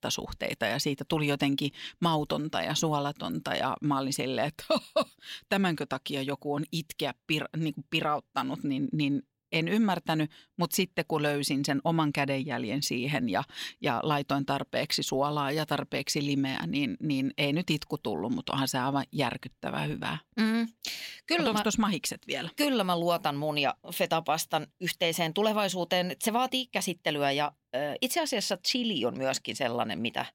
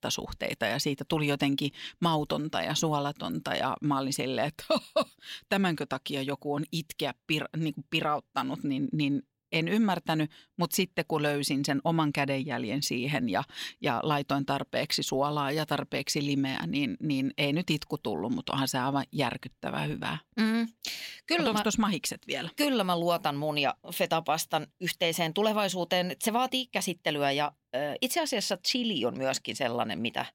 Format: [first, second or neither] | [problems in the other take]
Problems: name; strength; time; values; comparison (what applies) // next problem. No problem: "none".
neither | none